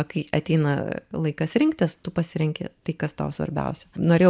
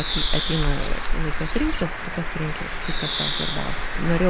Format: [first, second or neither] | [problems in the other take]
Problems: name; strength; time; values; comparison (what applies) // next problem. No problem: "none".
first | background sound (Bird); 4 dB above the speech